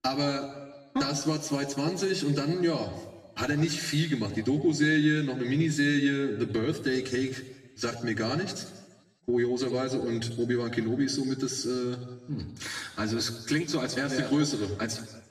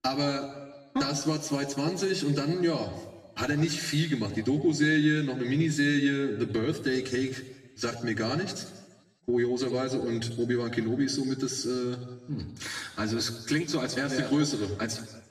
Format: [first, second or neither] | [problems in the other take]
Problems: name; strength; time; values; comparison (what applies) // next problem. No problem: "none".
neither | room echo; slight; dies away in 1.1 s; the same in both // off-mic speech; far; the same in both